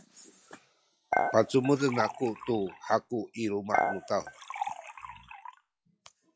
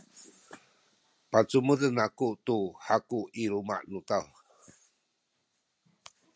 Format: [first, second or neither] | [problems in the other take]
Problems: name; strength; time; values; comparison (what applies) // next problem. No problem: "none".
second | noise reduction (classical method log-MMSE)